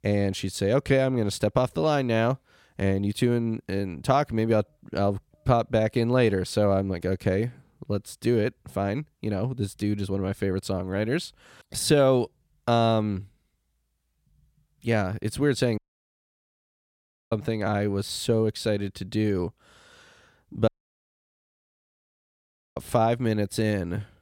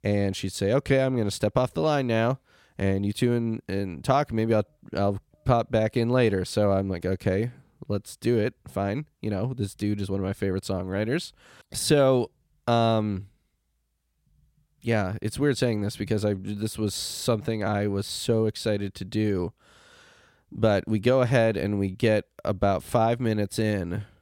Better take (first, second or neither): second